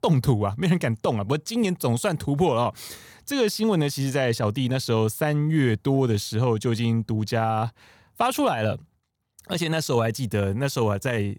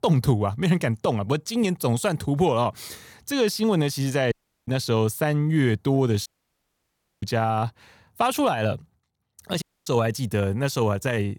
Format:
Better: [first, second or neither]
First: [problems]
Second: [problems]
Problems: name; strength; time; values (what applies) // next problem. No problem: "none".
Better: first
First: none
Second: audio cutting out; at 4.5 s, at 6.5 s for 1 s and at 9.5 s